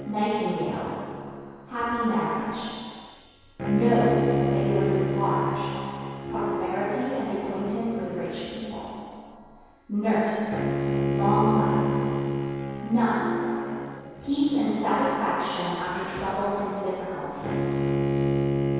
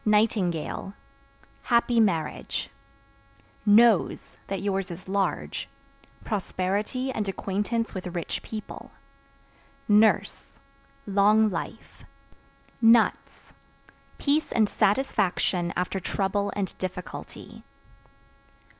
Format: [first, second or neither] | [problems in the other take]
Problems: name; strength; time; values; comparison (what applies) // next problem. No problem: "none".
second | background sound (Bowed string instrument); 2 dB below the speech // room echo; dies away in 2.2 s